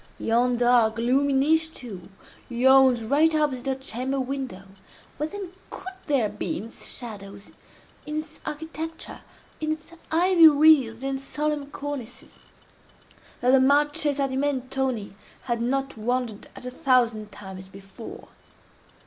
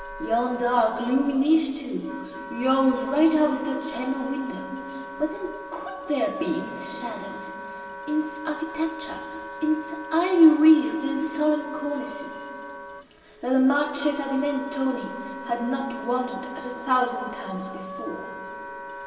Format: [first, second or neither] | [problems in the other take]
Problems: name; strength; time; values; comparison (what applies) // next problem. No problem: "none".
first | background sound (Wind instrument, woodwind instrument); 12 dB below the speech // room echo; dies away in 2.4 s